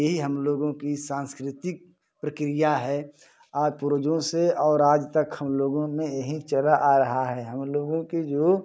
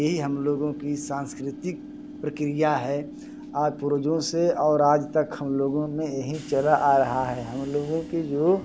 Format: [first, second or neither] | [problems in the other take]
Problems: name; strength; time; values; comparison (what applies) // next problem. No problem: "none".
first | background sound (Subway, metro, underground / Train); 14 dB below the speech